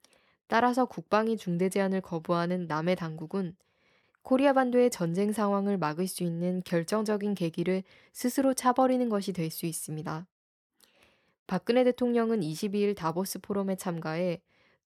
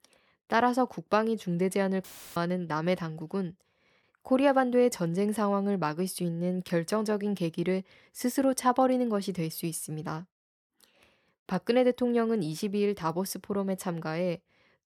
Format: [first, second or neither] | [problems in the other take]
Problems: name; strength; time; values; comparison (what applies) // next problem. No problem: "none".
first | audio cutting out; filled with static; at 2 s